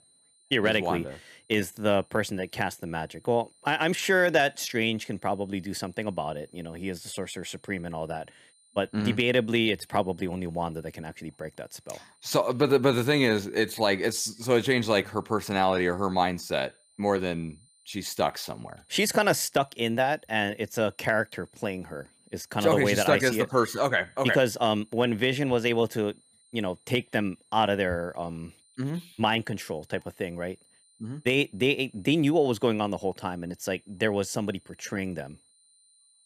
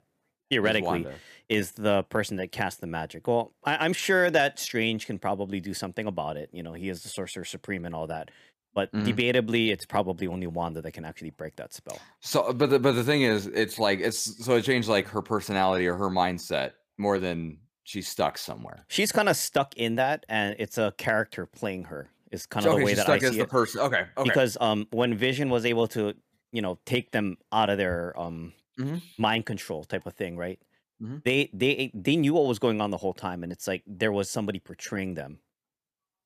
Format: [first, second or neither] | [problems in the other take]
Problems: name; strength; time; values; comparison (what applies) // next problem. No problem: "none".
second | high-pitched whine; faint; throughout; 9 kHz, 35 dB below the speech